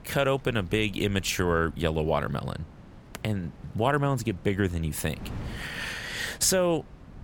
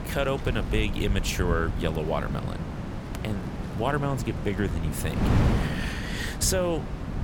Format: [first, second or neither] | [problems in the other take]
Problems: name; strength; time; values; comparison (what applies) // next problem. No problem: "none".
first | wind noise on the microphone; heavy; 7 dB below the speech; occasional gusts in the first